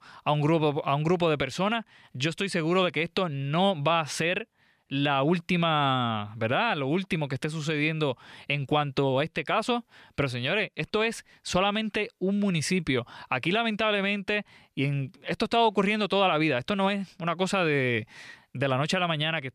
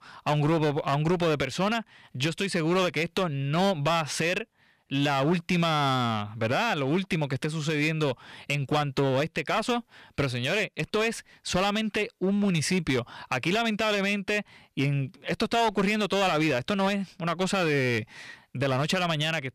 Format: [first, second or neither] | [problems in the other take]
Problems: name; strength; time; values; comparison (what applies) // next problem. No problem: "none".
first | distortion; slight; 9% of the sound clipped